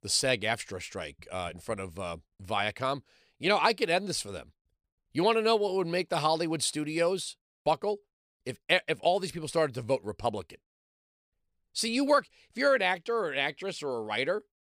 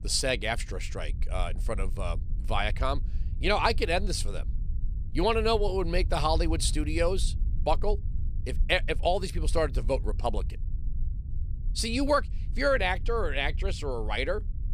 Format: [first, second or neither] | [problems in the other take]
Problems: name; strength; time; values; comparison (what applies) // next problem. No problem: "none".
first | low rumble; faint; throughout; 25 dB below the speech